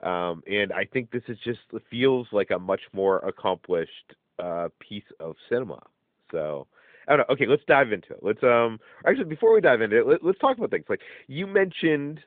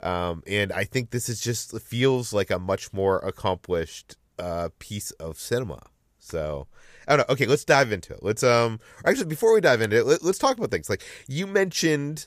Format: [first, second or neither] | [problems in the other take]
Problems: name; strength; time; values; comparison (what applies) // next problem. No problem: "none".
second | phone-call audio; nothing above 3.5 kHz